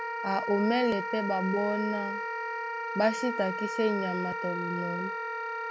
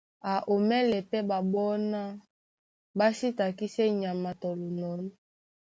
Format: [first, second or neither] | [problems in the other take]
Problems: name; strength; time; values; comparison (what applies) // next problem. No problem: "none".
second | background sound (Wind instrument, woodwind instrument); 3 dB below the speech